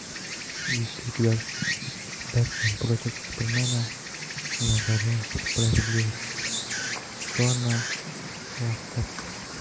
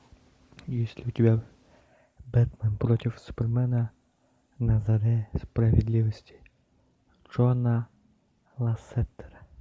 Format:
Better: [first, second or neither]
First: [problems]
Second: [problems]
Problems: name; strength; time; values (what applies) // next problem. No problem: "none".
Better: second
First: background sound (Insect); 4 dB below the speech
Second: none